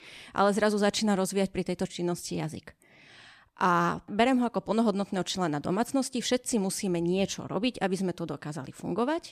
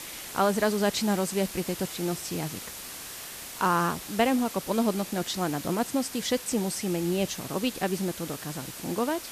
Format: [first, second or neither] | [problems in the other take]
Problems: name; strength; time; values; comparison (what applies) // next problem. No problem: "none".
first | hiss; loud; throughout; 9 dB below the speech